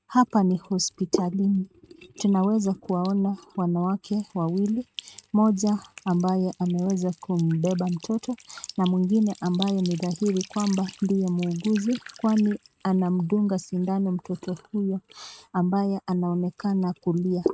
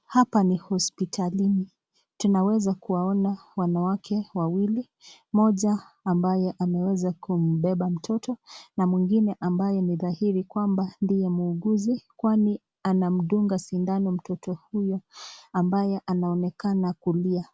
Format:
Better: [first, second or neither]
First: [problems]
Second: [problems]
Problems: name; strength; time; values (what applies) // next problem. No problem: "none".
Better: second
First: noise reduction (neural mask model RNNoise)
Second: none